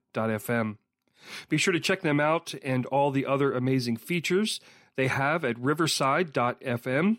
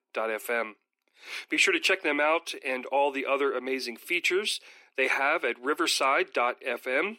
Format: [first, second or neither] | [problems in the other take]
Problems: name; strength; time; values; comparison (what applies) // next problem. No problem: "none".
first | thin; somewhat; fading below 300 Hz